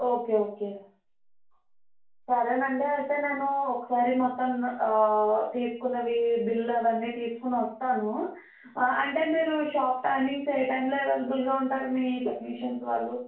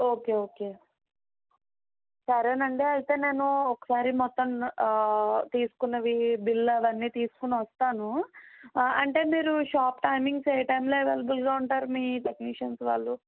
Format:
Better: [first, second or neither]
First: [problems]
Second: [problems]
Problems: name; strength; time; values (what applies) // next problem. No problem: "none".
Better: second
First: room echo; dies away in 0.4 s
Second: none